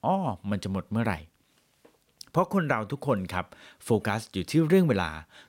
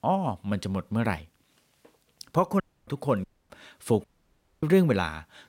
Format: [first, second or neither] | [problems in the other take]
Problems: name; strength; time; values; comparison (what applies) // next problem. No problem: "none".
first | audio cutting out; at 2.5 s, at 3 s and at 4 s for 0.5 s